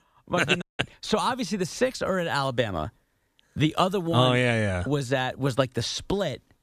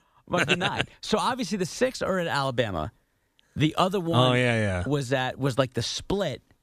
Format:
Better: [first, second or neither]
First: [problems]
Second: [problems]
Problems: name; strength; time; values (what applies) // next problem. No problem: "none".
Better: second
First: audio cutting out; at 0.5 s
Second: none